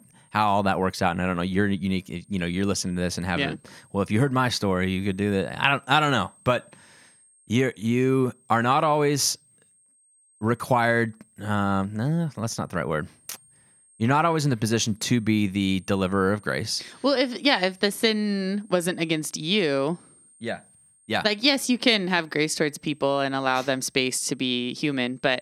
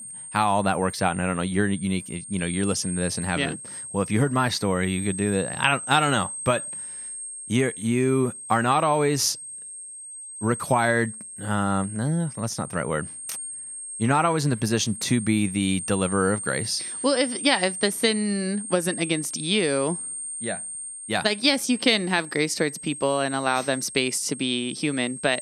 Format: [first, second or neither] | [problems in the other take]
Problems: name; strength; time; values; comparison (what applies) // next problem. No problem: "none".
first | high-pitched whine; loud; throughout; 8.5 kHz, 9 dB below the speech; faint in the first